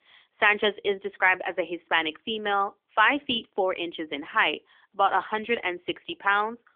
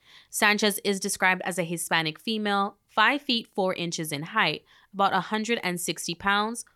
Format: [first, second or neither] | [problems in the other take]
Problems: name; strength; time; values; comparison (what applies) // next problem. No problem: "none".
second | phone-call audio; nothing above 3.5 kHz